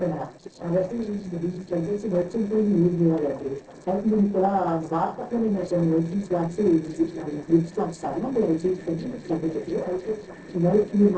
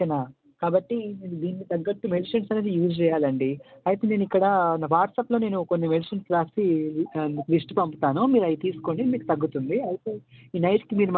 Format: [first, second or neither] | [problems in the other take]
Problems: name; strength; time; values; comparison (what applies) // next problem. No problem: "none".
second | noise reduction (neural separator model SepFormer DNS4)